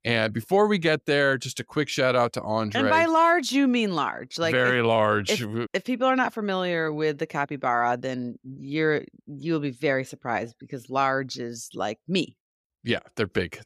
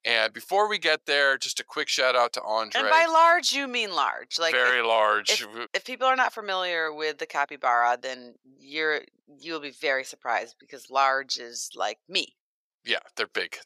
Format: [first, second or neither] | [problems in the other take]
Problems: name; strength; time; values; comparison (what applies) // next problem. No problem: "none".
first | thin; very; fading below 750 Hz